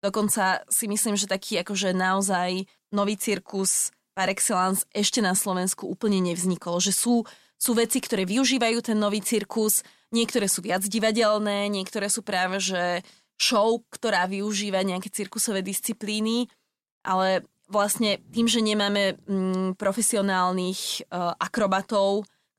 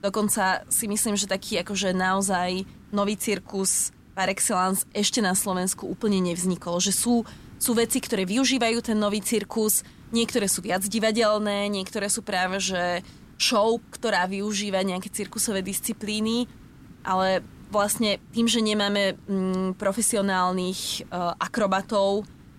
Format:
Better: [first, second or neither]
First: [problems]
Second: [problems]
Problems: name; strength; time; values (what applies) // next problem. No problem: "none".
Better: first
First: none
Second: hiss; faint; throughout; 25 dB below the speech